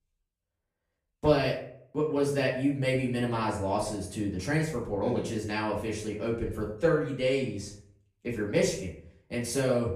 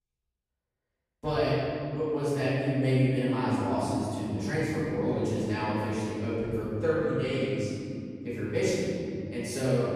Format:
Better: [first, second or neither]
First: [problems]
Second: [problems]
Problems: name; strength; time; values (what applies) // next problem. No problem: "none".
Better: first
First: room echo; slight; dies away in 0.5 s // off-mic speech; far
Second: room echo; strong; dies away in 3 s // off-mic speech; far